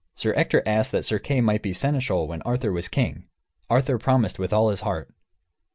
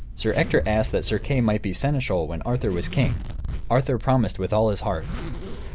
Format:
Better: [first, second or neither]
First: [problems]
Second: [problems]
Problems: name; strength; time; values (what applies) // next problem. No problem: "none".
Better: first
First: none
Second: background sound (Zipper (clothing)); 6 dB below the speech